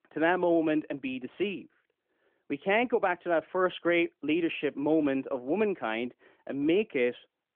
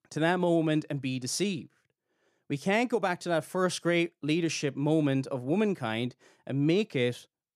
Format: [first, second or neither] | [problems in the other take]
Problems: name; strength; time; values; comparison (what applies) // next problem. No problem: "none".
second | phone-call audio; nothing above 3.5 kHz